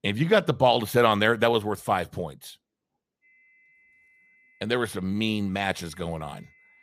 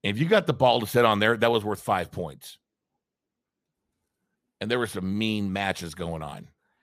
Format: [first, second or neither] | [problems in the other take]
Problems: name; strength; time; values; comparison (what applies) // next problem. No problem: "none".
second | high-pitched whine; faint; from 3 s on; 2 kHz, 35 dB below the speech